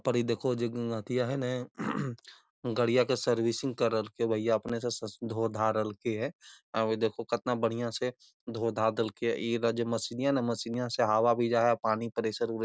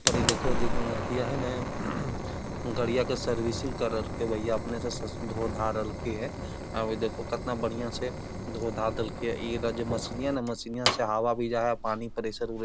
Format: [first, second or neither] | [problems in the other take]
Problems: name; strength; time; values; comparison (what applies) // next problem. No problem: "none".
first | background sound (Fire); 1 dB below the speech